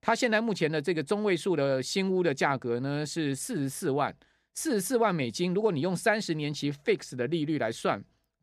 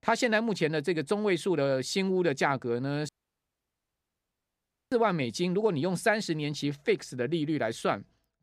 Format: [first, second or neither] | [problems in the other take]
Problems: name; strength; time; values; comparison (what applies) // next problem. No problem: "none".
first | audio cutting out; at 3 s for 2 s